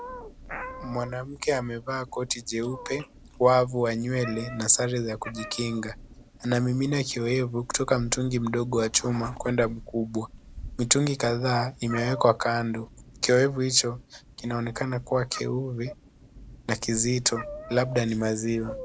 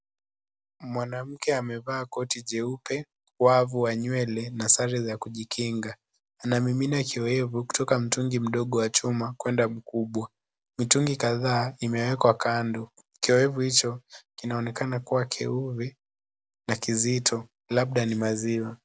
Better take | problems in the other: second | background sound (Meow); 16 dB below the speech

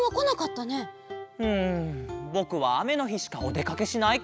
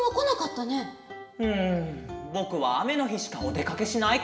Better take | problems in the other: first | room echo; dies away in 0.9 s

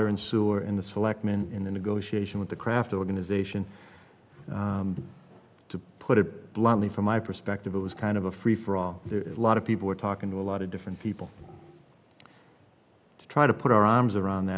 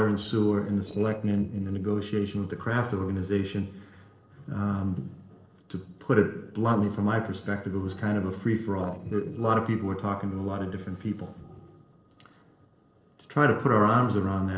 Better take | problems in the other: first | noise reduction (neural separator model SepFormer DNS4)

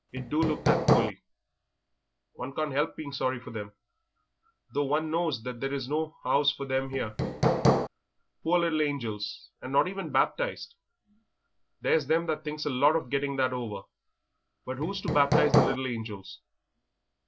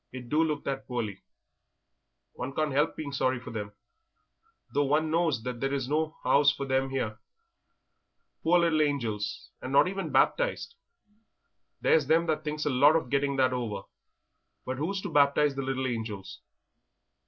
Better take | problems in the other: second | background sound (Hammer); 5 dB above the speech

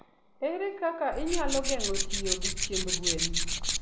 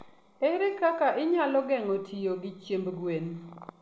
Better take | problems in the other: second | background sound (Tools); 4 dB above the speech // room echo; dies away in 1.2 s

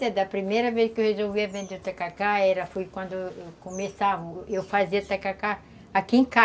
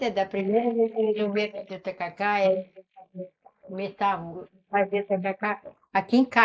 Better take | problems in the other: first | noise reduction (neural mask model Resemble Enhance denoiser)

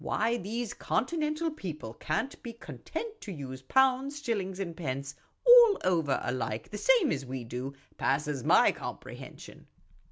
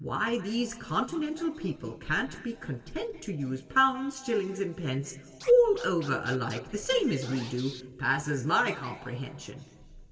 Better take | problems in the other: first | background sound (Scratching (performance technique)); 18 dB below the speech // room echo; dies away in 1.8 s

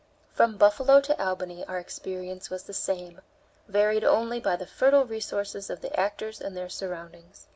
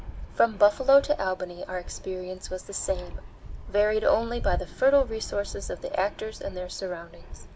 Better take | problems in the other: first | background sound (Fixed-wing aircraft, airplane); 10 dB below the speech

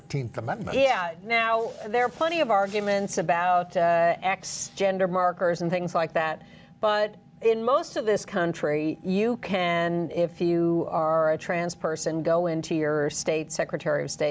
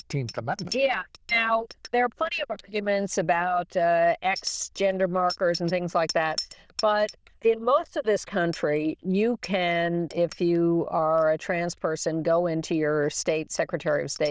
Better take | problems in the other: first | noise reduction (neural diffusion model UNIVERSE++)

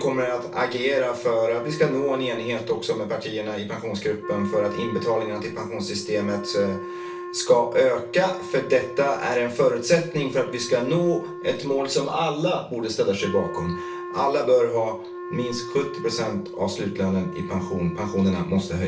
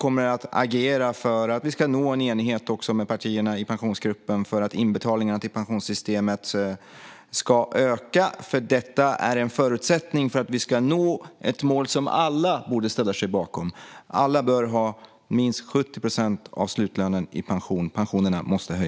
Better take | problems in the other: second | background sound (Wind instrument, woodwind instrument); 11 dB below the speech // room echo; dies away in 0.3 s

